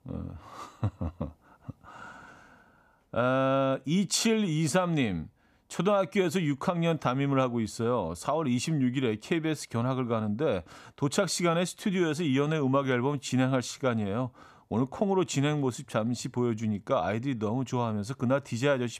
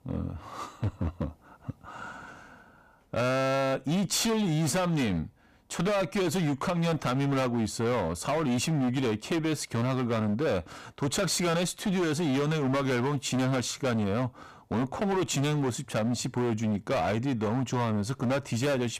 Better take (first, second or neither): first